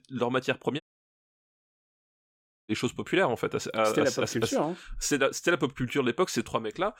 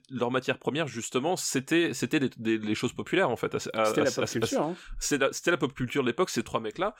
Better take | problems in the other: second | audio cutting out; at 1 s for 2 s

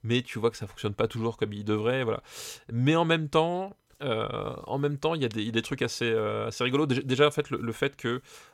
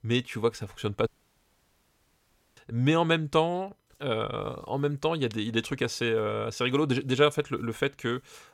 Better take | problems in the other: first | audio cutting out; at 1 s for 1.5 s

